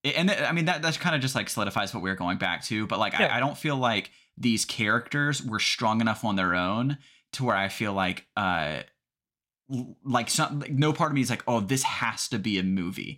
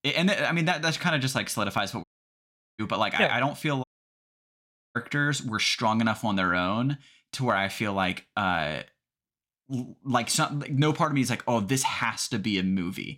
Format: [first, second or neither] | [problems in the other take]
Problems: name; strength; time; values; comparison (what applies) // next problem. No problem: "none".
first | audio cutting out; at 2 s for 0.5 s and at 4 s for 1 s